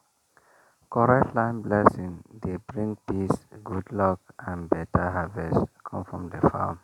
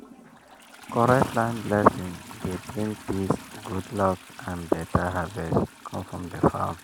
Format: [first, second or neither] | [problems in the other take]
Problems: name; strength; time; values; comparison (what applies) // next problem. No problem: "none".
first | background sound (Toilet flush); 16 dB below the speech